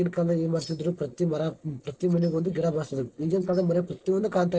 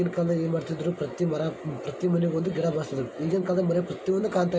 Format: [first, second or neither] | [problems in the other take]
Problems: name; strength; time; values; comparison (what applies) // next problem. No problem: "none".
second | noise reduction (neural separator model SepFormer DNS4)